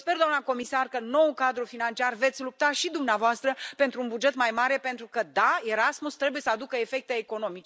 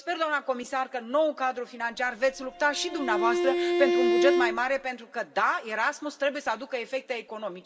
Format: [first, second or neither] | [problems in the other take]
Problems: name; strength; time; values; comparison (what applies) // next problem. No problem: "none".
first | background sound (Bowed string instrument); 2 dB above the speech // room echo; dies away in 1.7 s